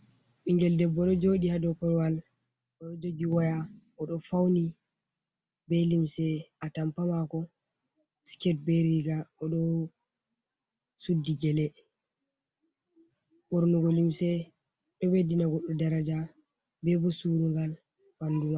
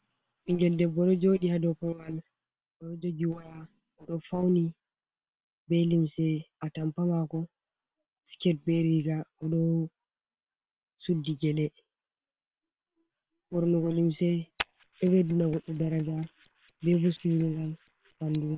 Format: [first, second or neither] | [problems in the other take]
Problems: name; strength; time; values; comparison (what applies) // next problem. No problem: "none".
first | noise reduction (neural separator model SepFormer WHAM!)